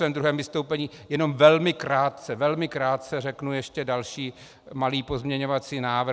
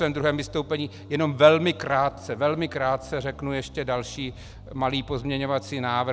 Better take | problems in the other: first | background sound (Bass guitar); 18 dB below the speech

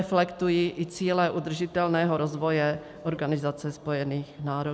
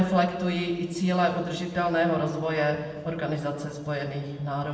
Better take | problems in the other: first | room echo; dies away in 1.2 s

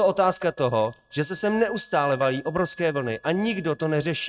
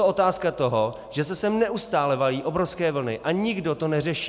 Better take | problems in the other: second | noise reduction (neural mask model RNNoise)

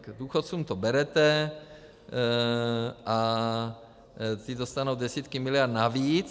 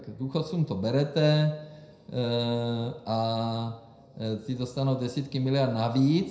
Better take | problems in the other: first | room echo; dies away in 0.4 s

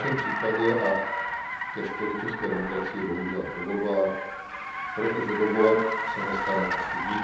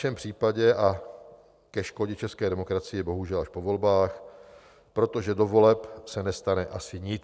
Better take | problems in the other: second | background sound (Car); 3 dB below the speech // room echo; dies away in 0.8 s

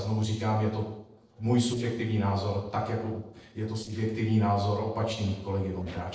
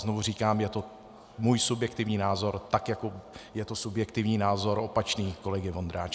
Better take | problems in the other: second | noise reduction (neural separator model SepFormer DNS4)

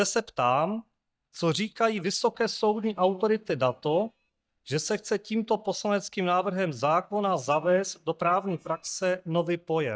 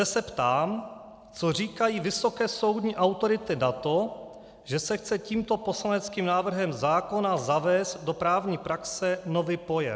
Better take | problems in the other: second | noise reduction (neural mask model DeepFilterNet 3)

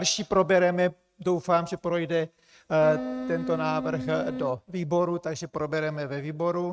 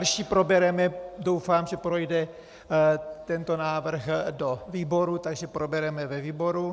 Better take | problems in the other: second | noise reduction (neural mask model RNNoise)

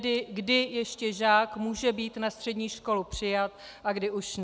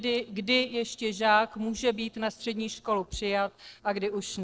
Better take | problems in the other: first | noise reduction (neural separator model SepFormer DNS4)

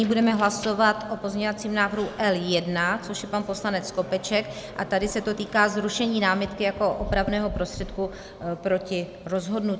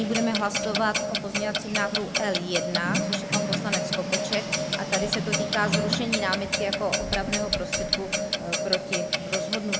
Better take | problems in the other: first | background sound (Clock); 2 dB above the speech

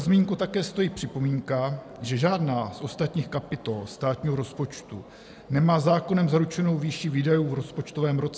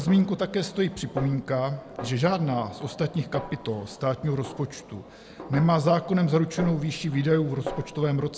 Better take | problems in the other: first | background sound (Snare drum); 15 dB below the speech

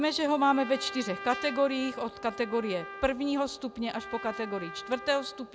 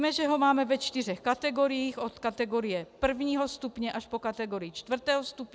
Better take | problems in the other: second | background sound (Trumpet); 13 dB below the speech

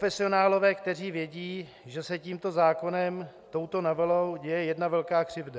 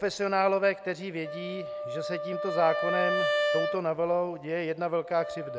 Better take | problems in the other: first | background sound (Wind instrument, woodwind instrument); 3 dB below the speech

